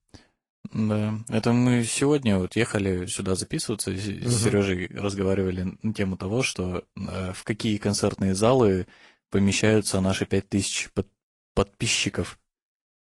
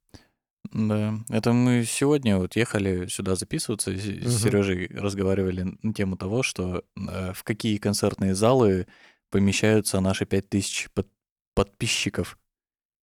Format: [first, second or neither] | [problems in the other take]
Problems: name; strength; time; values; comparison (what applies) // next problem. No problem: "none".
second | garbled, watery; slightly; nothing above 10.5 kHz